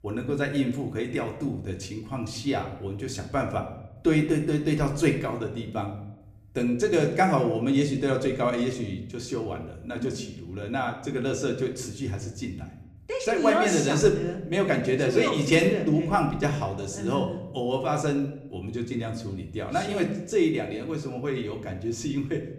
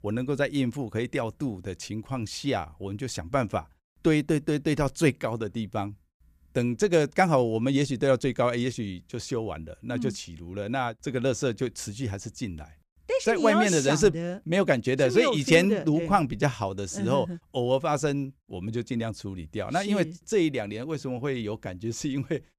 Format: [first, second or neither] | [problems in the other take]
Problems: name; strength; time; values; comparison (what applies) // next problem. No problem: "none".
second | room echo; slight; dies away in 0.7 s // off-mic speech; somewhat distant